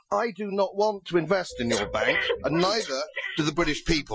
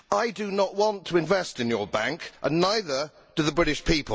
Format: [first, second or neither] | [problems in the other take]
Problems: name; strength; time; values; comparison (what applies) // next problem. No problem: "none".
second | noise reduction (classical method Wiener filter)